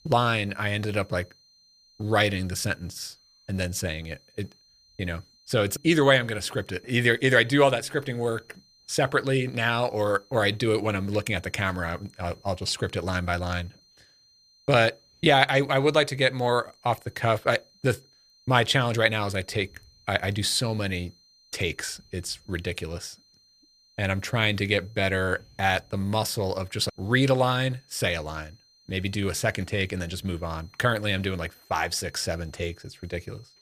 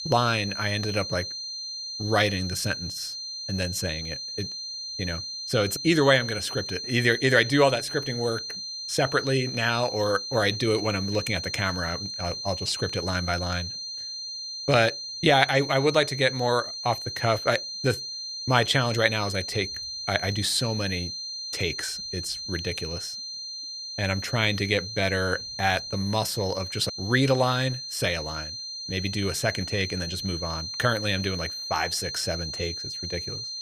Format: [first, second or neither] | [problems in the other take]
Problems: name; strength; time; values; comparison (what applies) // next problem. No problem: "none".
first | high-pitched whine; loud; throughout; 4 kHz, 6 dB below the speech; faint in the first